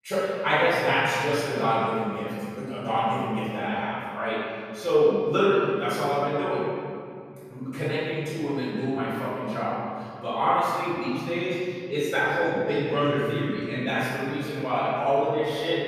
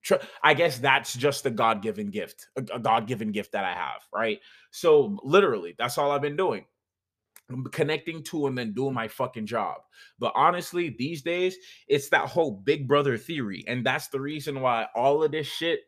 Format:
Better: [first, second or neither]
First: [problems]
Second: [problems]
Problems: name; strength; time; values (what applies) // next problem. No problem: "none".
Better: second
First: room echo; strong; dies away in 2.3 s // off-mic speech; far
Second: none